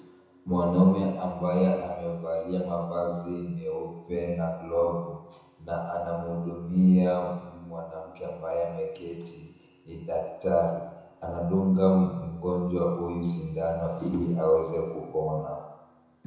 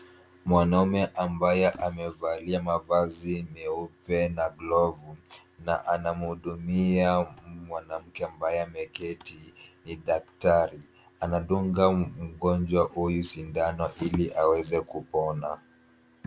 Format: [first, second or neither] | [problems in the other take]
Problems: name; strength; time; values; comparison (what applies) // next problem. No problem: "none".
second | room echo; dies away in 1 s